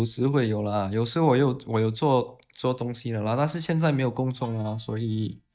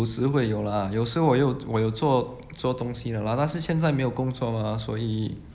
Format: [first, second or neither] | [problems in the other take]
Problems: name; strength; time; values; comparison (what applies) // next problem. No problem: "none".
second | noise reduction (neural mask model DeepFilterNet 3)